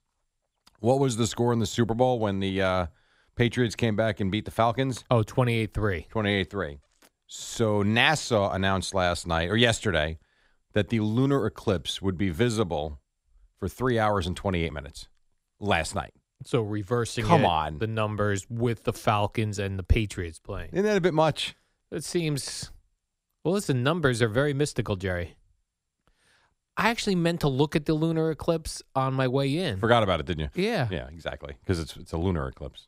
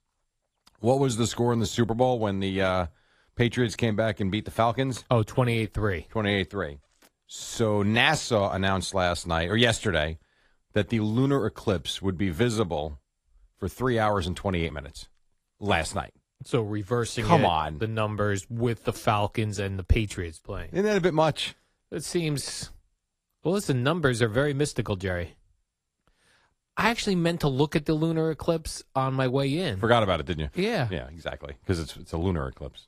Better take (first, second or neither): first